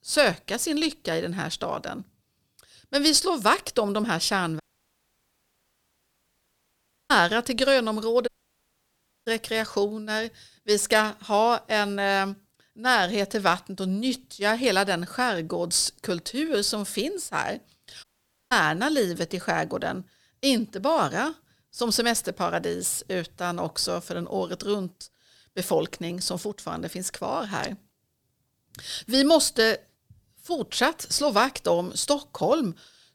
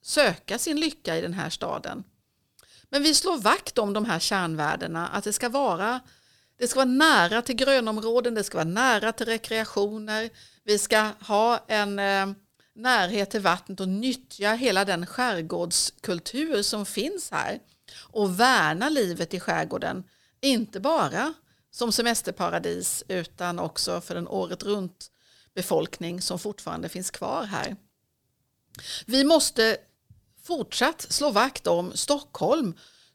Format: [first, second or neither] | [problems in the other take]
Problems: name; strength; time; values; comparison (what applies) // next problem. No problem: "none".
second | audio cutting out; at 4.5 s for 2.5 s, at 8.5 s for 1 s and at 18 s